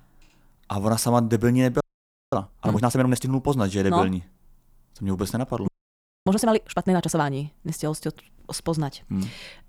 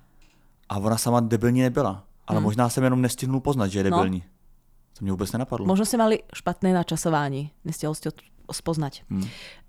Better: second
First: audio freezing; at 2 s for 0.5 s and at 5.5 s for 0.5 s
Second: none

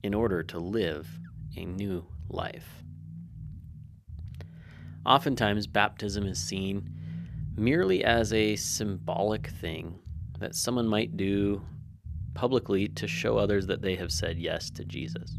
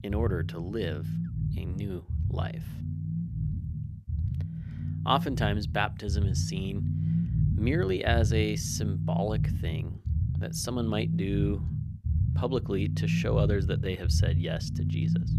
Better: first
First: low rumble; faint; throughout; 25 dB below the speech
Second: low rumble; loud; throughout; 9 dB below the speech

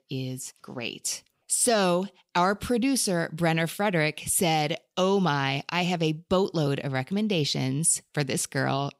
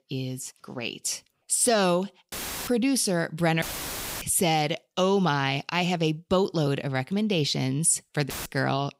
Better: first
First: none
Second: audio cutting out; filled with static; at 2.5 s, at 3.5 s for 0.5 s and at 8.5 s

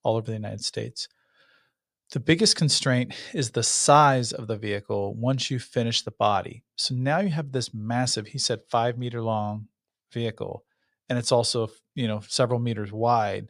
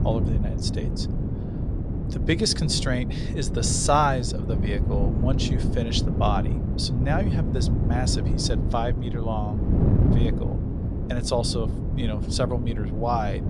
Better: first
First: none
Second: wind noise on the microphone; heavy; 8 dB below the speech

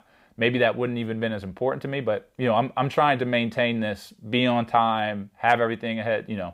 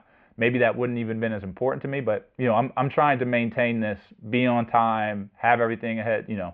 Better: first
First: none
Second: muffled; very slightly; fading above 2.5 kHz

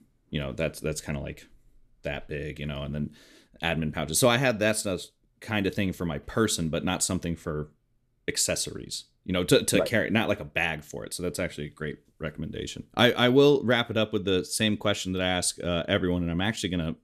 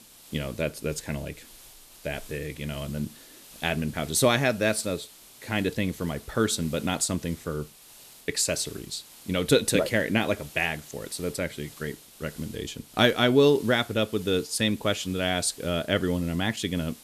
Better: first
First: none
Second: hiss; noticeable; throughout; 20 dB below the speech

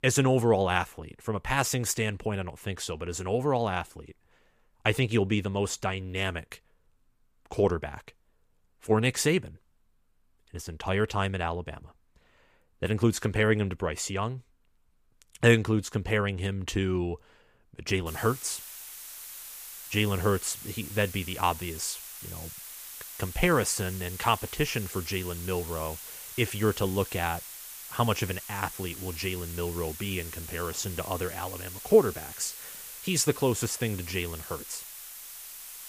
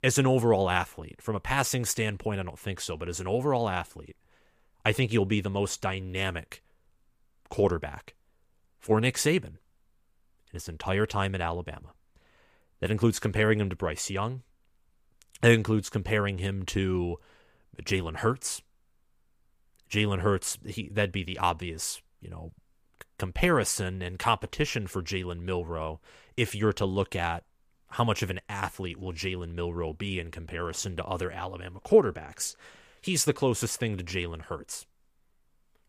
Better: second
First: hiss; noticeable; from 18 s on; 10 dB below the speech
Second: none

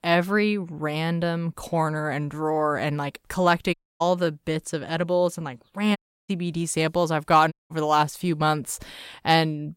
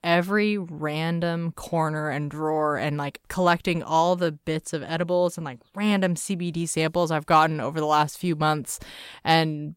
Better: second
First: audio cutting out; at 3.5 s, at 6 s and at 7.5 s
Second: none

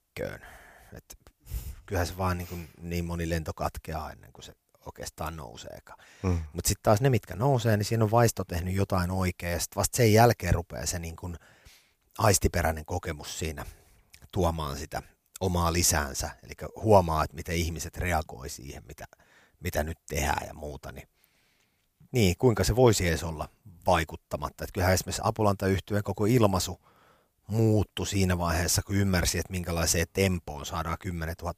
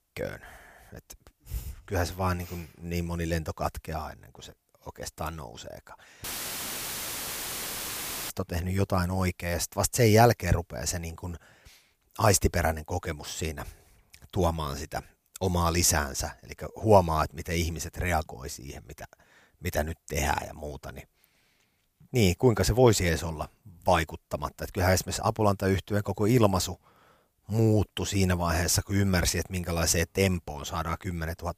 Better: first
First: none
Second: audio cutting out; filled with static; at 6 s for 2 s

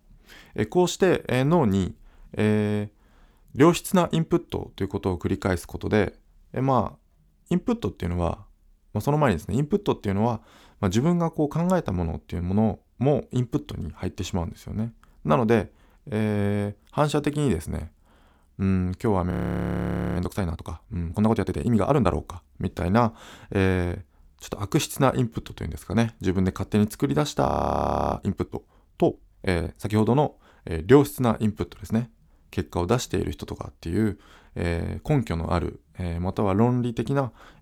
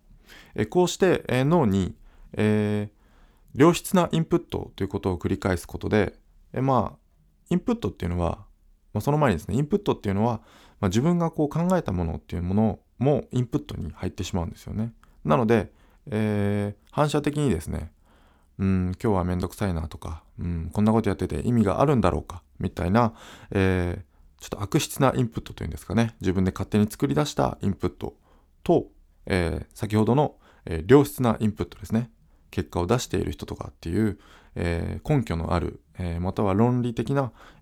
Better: second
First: audio freezing; at 19 s for 1 s and at 27 s for 0.5 s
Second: none

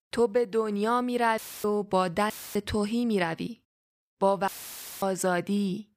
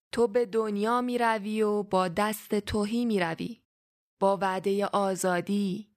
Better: second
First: audio cutting out; filled with static; at 1.5 s, at 2.5 s and at 4.5 s for 0.5 s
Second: none

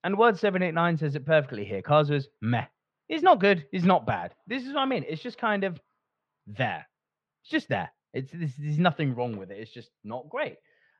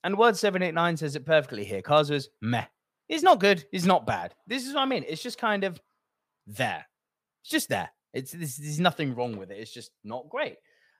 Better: second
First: muffled; slightly; fading above 3 kHz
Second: none

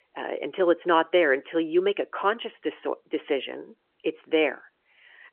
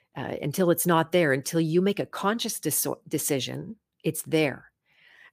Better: second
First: phone-call audio; nothing above 3 kHz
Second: none

